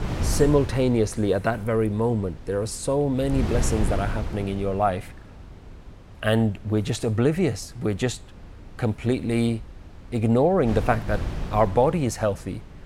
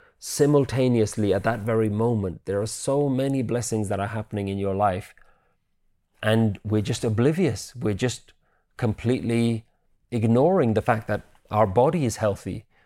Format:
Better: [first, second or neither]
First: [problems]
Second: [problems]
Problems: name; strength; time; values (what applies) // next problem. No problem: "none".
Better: second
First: wind noise on the microphone; occasional gusts; 15 dB below the speech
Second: none